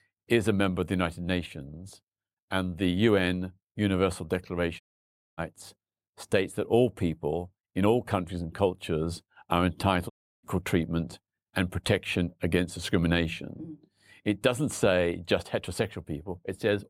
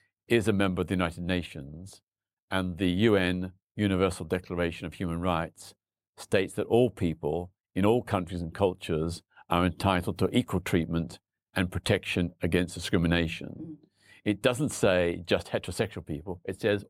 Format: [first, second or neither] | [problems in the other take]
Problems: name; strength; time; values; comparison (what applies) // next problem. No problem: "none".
second | audio cutting out; at 5 s for 0.5 s and at 10 s